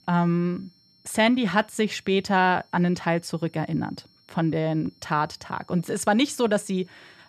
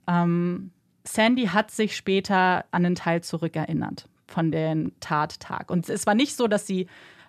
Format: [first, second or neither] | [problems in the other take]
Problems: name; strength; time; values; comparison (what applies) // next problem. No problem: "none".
second | high-pitched whine; faint; throughout; 5.5 kHz, 35 dB below the speech